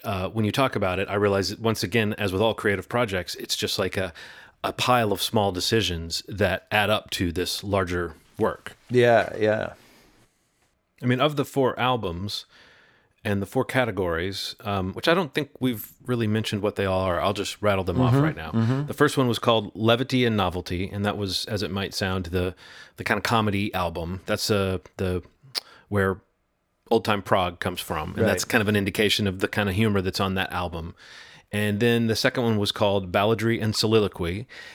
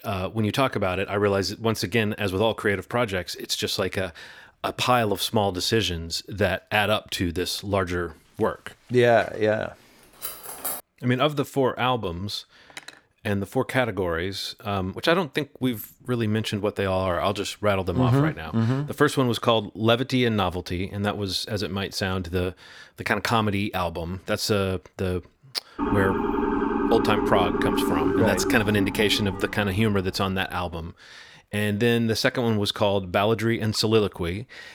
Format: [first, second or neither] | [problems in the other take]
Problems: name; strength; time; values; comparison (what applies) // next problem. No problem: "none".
first | clattering dishes; noticeable; at 10 s; peak 5 dB below the speech // clattering dishes; faint; at 13 s; peak 15 dB below the speech // siren; loud; from 26 to 30 s; peak 1 dB above the speech